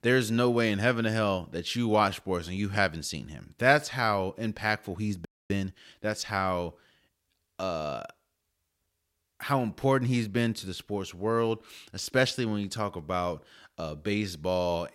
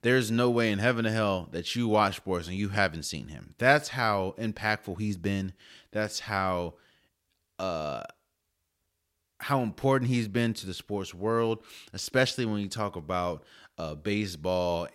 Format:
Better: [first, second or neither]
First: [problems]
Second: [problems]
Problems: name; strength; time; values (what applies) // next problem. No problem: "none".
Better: second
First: audio freezing; at 5.5 s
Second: none